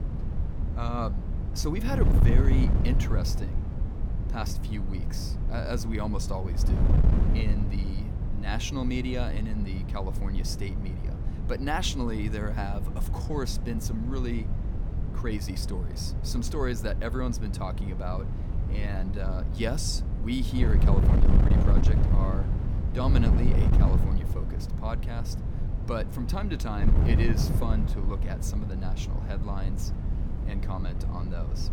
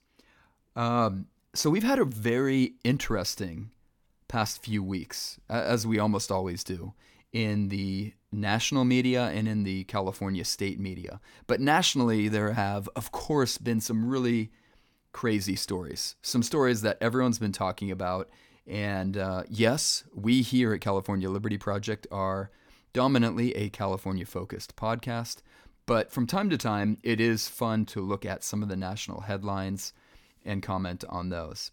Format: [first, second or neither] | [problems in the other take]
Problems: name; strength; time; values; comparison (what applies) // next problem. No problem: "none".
second | wind noise on the microphone; heavy; 4 dB below the speech